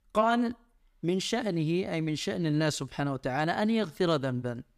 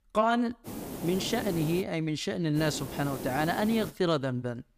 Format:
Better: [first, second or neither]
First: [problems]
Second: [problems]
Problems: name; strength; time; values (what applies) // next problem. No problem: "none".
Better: first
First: none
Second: hiss; loud; from 0.5 to 2 s and from 2.5 to 4 s; 9 dB below the speech